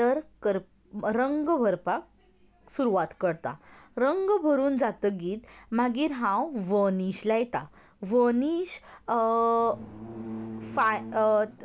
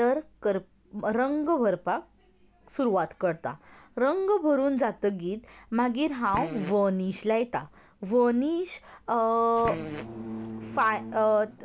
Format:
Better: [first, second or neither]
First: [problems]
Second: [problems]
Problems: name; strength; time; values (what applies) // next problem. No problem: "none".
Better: first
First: none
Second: background sound (Fart); 12 dB below the speech